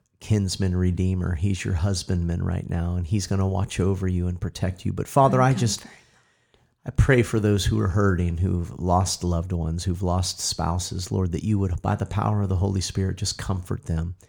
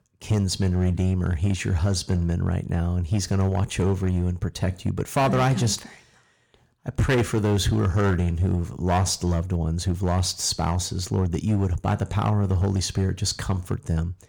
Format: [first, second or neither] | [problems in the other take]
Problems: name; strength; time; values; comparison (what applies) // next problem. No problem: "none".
first | distortion; slight; 7% of the sound clipped